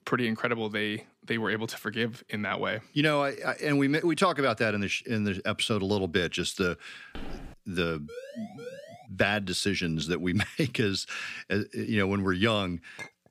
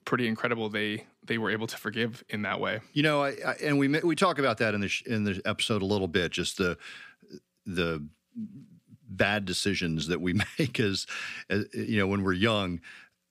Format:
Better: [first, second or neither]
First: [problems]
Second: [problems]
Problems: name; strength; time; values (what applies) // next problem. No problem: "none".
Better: second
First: footsteps; faint; at 7 s; peak 15 dB below the speech // siren; faint; at 8 s; peak 15 dB below the speech // clattering dishes; very faint; at 13 s; peak 15 dB below the speech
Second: none